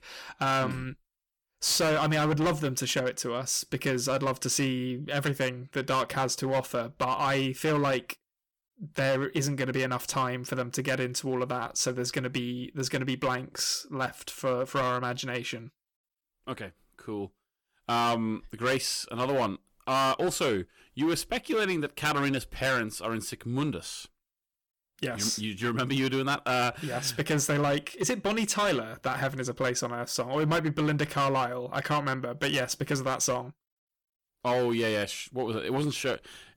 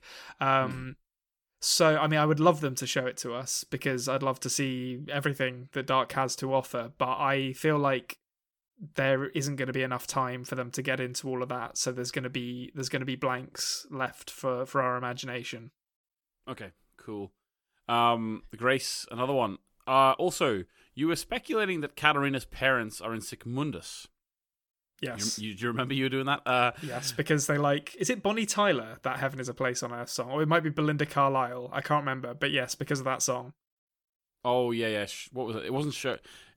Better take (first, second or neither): second